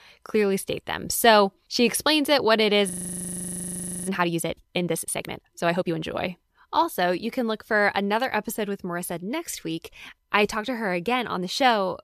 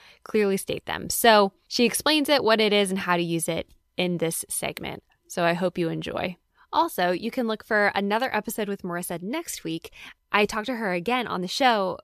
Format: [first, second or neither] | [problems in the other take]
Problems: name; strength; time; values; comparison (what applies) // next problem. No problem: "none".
second | audio freezing; at 3 s for 1 s